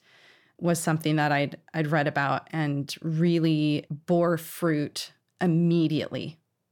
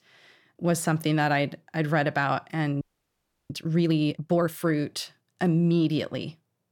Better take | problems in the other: first | audio freezing; at 3 s for 0.5 s

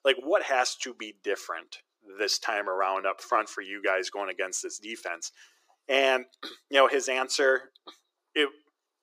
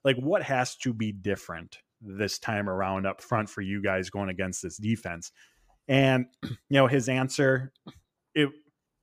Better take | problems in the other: second | thin; very; fading below 350 Hz

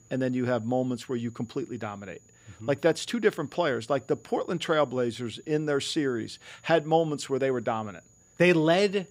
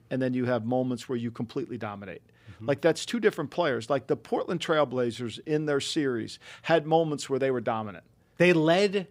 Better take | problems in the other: second | high-pitched whine; faint; throughout; 7 kHz, 30 dB below the speech

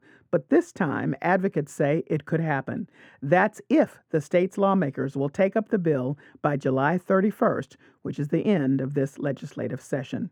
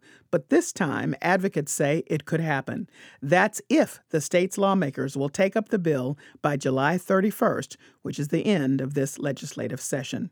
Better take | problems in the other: second | muffled; slightly; fading above 3 kHz

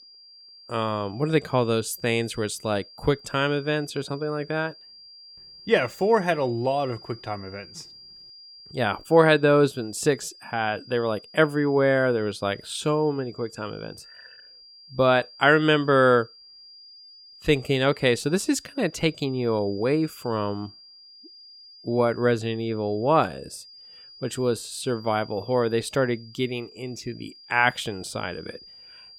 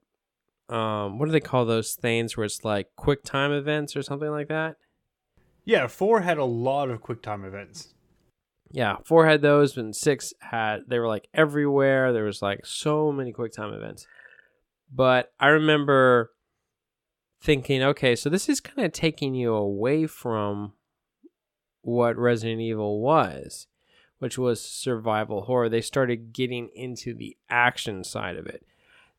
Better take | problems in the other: second | high-pitched whine; faint; throughout; 4.5 kHz, 20 dB below the speech

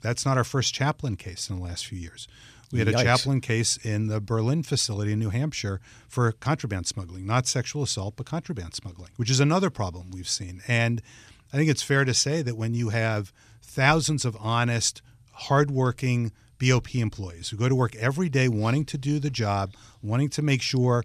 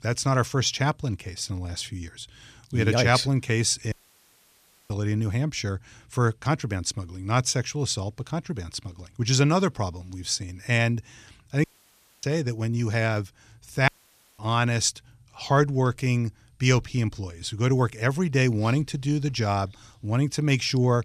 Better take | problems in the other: first | audio cutting out; at 4 s for 1 s, at 12 s for 0.5 s and at 14 s for 0.5 s

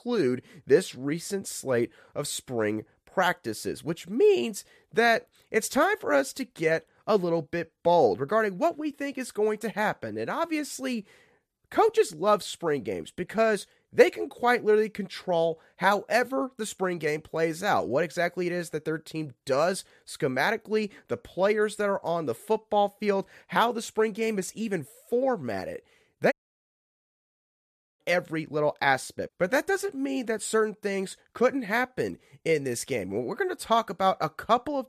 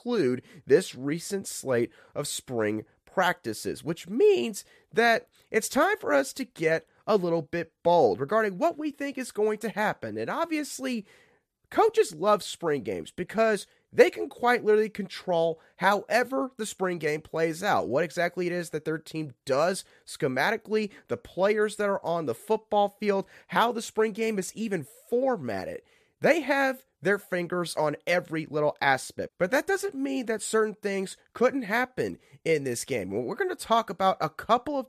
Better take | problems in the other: second | audio cutting out; at 26 s for 1.5 s

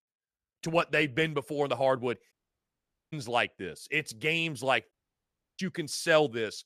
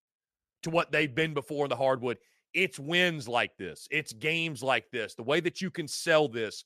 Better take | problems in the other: second | audio cutting out; at 2.5 s for 1 s and at 5 s for 0.5 s

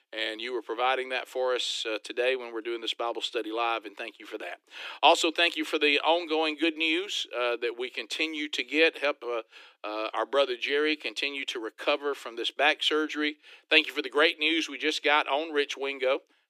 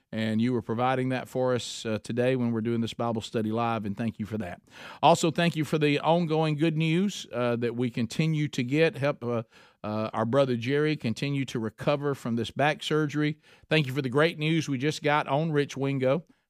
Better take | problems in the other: second | thin; very; fading below 300 Hz

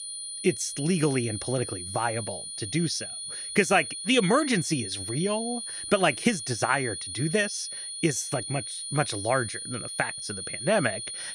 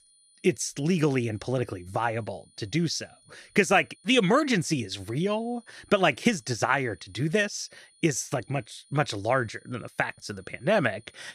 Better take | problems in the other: second | high-pitched whine; loud; throughout; 9.5 kHz, 6 dB below the speech; faint in the second

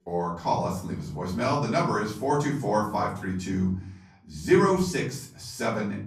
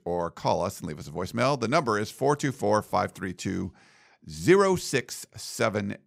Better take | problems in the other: second | off-mic speech; far // room echo; slight; dies away in 0.6 s

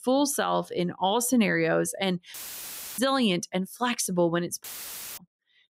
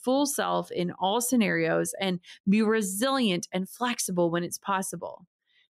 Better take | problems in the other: second | audio cutting out; filled with static; at 2.5 s for 0.5 s and at 4.5 s for 0.5 s

